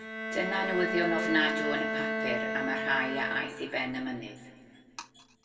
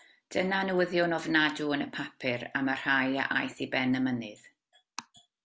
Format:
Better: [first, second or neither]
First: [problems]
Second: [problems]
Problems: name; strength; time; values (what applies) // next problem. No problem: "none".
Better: second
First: background sound (Bowed string instrument); 2 dB below the speech // room echo; dies away in 1.8 s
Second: none